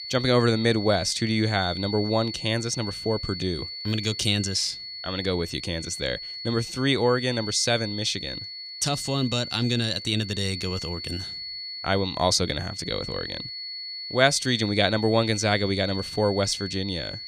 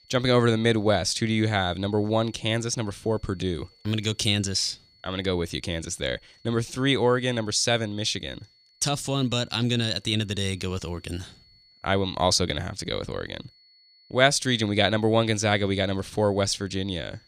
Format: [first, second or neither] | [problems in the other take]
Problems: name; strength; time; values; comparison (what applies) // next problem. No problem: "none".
second | high-pitched whine; loud; throughout; 4.5 kHz, 8 dB below the speech; faint in the second